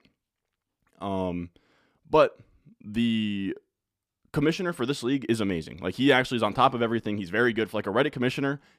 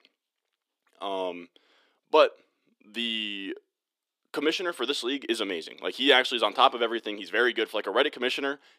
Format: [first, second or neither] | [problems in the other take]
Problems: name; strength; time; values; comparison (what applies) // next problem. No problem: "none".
first | thin; somewhat; fading below 350 Hz